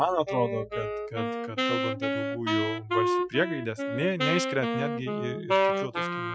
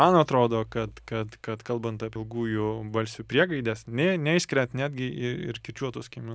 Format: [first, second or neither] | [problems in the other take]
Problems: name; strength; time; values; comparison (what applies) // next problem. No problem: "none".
second | noise reduction (classical method Wiener filter)